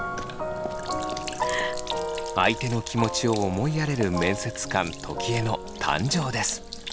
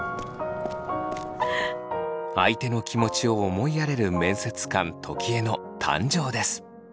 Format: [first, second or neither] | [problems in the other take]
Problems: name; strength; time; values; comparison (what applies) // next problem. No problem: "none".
second | background sound (Sink (filling or washing)); 12 dB below the speech